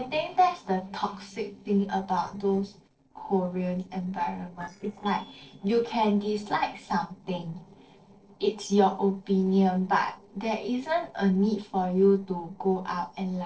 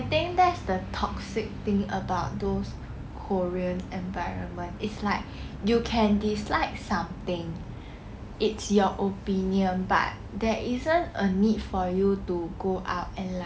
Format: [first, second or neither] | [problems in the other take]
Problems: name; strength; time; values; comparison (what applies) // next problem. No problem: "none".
second | noise reduction (neural separator model SepFormer DNS4)